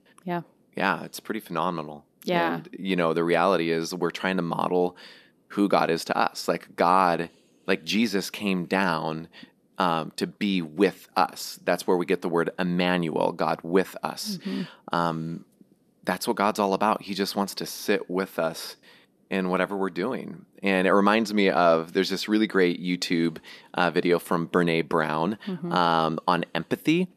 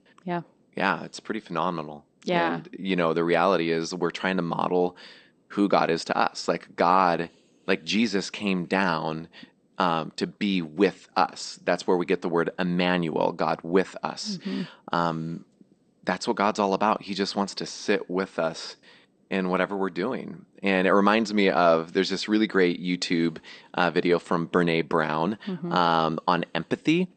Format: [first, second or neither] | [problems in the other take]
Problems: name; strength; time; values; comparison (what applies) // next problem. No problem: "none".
first | garbled, watery; slightly; nothing above 8.5 kHz